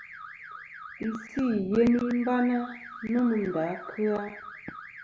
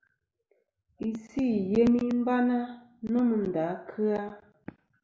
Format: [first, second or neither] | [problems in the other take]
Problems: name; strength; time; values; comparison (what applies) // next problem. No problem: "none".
second | background sound (Alarm / Car); 15 dB below the speech